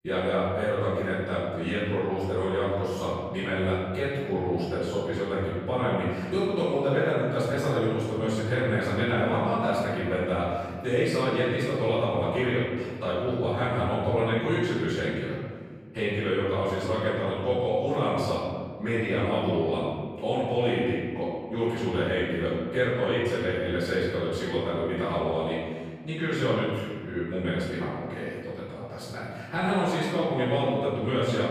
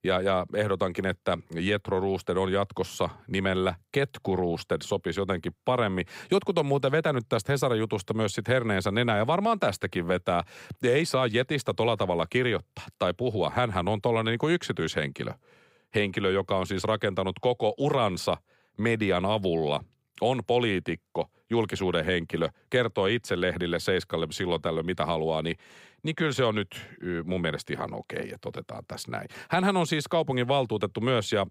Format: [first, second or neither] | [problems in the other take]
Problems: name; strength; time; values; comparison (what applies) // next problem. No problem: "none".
second | room echo; strong; dies away in 1.7 s // off-mic speech; far